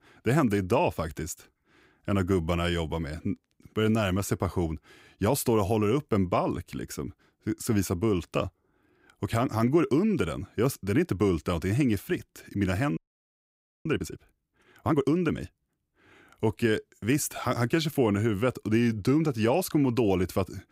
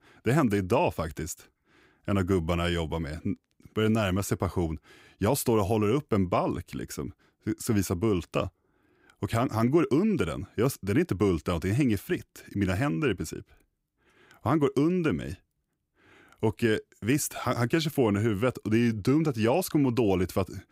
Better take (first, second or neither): second